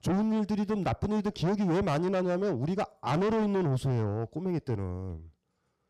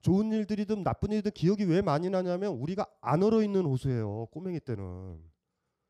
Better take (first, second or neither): second